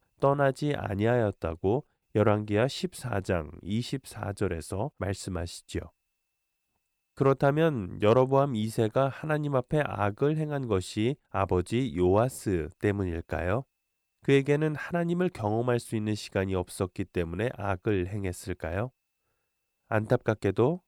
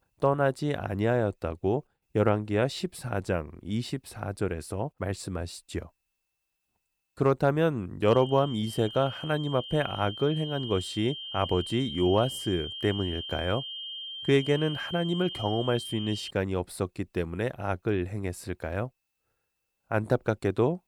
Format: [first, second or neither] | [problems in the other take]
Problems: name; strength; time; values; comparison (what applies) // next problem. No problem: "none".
first | high-pitched whine; loud; from 8 to 16 s; 3 kHz, 8 dB below the speech